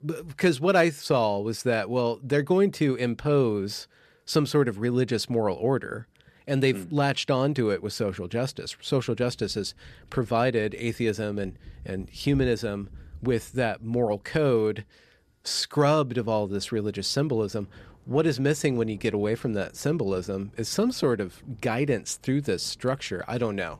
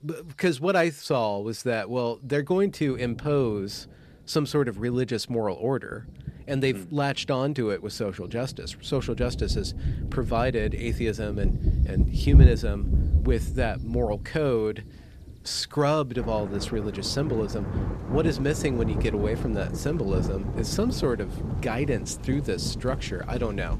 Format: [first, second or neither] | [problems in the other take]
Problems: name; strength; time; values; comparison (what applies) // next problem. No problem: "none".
first | rain or running water; loud; throughout; 1 dB below the speech; faint in the first